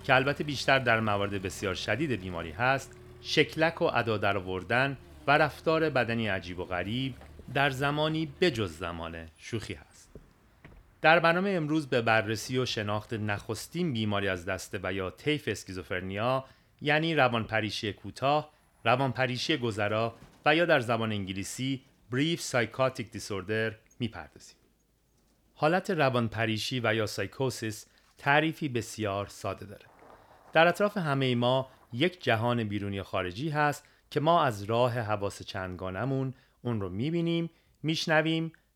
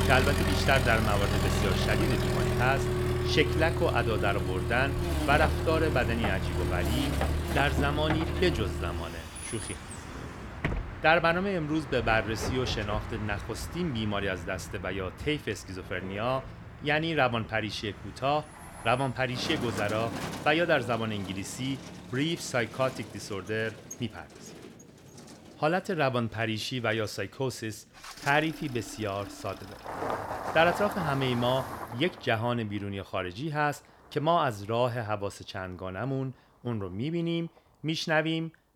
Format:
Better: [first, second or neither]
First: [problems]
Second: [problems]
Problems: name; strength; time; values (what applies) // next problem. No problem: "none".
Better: first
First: traffic noise; faint; throughout; 25 dB below the speech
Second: traffic noise; loud; throughout; 3 dB below the speech